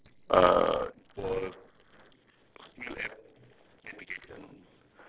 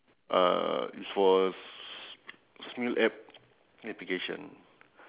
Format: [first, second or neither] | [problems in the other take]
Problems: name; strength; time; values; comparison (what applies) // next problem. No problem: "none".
second | noise reduction (neural separator model SepFormer DNS4)